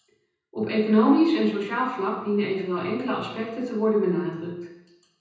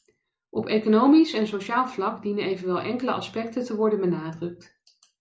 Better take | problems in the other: second | room echo; dies away in 0.9 s

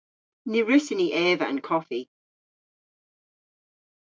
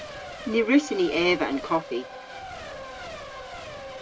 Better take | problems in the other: first | background sound (Race car, auto racing / Accelerating, revving, vroom / Mechanisms); 11 dB below the speech

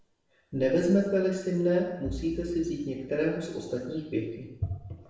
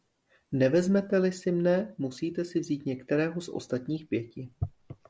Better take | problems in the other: second | background sound (Bowed string instrument); 15 dB below the speech // room echo; dies away in 0.8 s

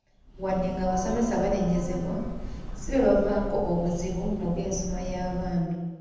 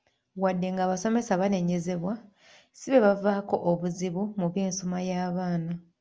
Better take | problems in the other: second | background sound (Train / Breathing); 7 dB below the speech // room echo; dies away in 1.1 s

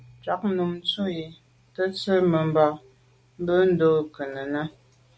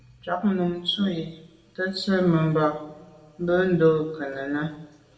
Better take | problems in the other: first | room echo; dies away in 1 s

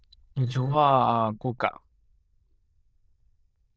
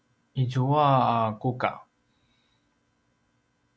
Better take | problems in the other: second | noise reduction (neural diffusion model UNIVERSE++)

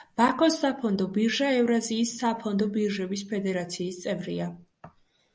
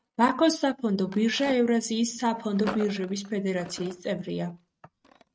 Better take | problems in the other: first | noise reduction (neural mask model RNNoise)

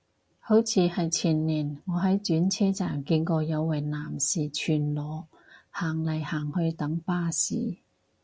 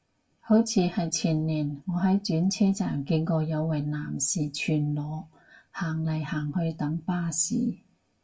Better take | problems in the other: first | room echo; dies away in 0.2 s

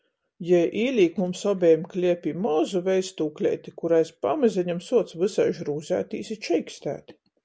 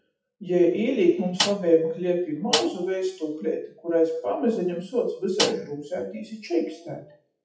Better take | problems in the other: first | noise reduction (classical method WPE with log-MMSE)

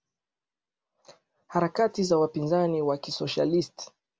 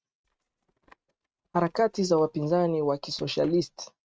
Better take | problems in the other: first | noise reduction (neural mask model RNNoise)

